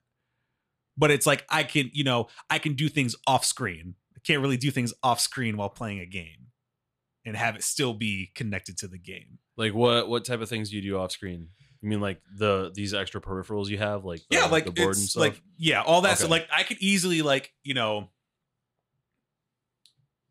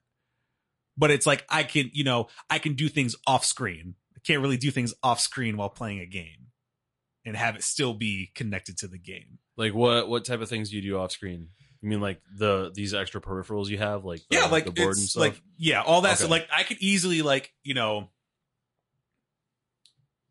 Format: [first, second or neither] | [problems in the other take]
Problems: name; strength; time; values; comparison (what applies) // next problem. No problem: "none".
first | garbled, watery; slightly